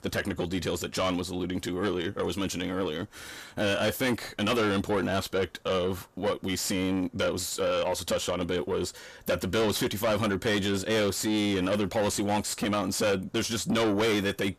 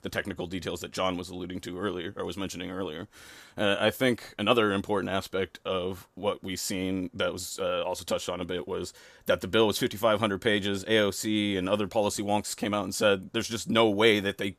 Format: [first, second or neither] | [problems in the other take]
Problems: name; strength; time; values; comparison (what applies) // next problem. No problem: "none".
second | distortion; heavy; 6 dB below the speech